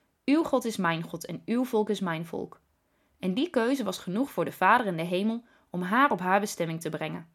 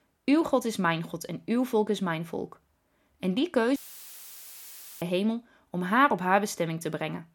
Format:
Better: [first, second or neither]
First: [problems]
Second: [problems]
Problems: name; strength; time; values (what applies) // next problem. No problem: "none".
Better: first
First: none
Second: audio cutting out; filled with static; at 4 s for 1.5 s